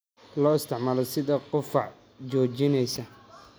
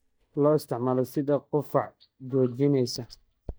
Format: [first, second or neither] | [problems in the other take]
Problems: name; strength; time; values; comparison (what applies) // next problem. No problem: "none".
first | noise reduction (neural mask model DeepFilterNet 3)